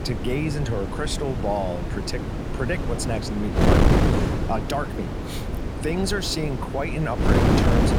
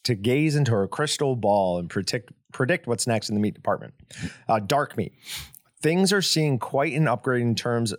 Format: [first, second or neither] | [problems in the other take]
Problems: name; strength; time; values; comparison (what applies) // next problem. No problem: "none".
second | wind noise on the microphone; heavy; as loud as the speech